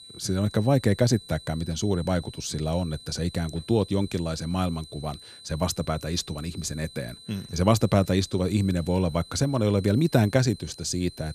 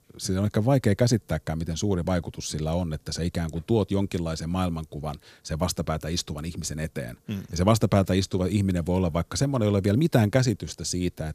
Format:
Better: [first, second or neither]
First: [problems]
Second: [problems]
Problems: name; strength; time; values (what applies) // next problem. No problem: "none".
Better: second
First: high-pitched whine; noticeable; throughout; 4 kHz, 20 dB below the speech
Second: none